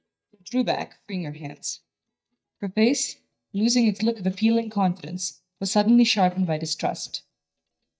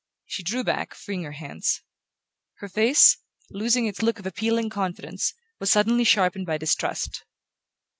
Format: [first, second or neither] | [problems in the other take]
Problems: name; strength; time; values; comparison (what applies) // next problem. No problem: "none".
second | noise reduction (neural mask model DeepFilterNet 3)